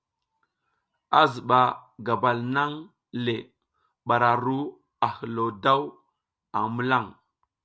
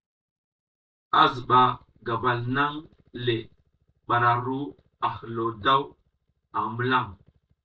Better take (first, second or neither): first